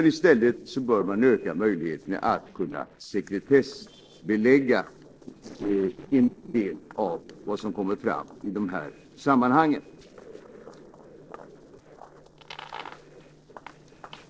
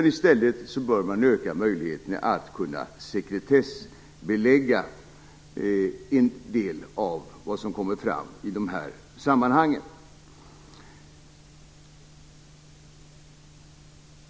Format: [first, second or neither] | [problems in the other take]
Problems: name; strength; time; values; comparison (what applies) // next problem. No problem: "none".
second | noise reduction (neural separator model SepFormer DNS4)